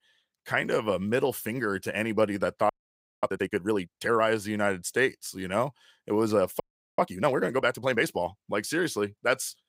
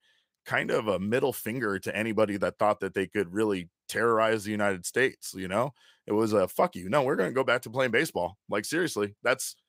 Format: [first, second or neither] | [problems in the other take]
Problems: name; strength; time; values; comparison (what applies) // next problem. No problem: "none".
second | audio freezing; at 2.5 s for 0.5 s and at 6.5 s